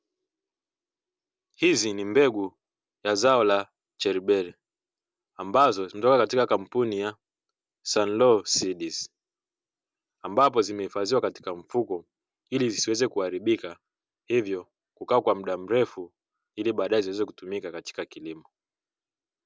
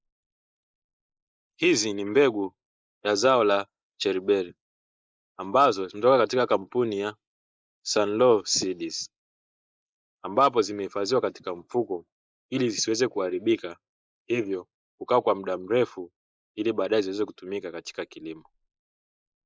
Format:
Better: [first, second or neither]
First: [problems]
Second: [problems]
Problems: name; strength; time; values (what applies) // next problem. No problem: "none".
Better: first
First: none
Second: noise reduction (neural mask model Resemble Enhance denoiser)